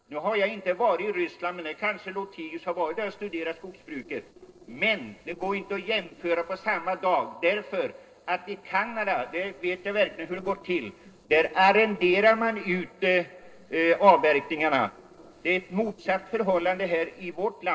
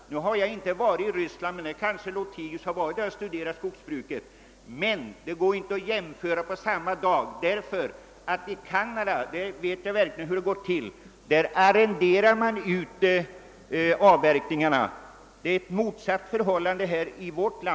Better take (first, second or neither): second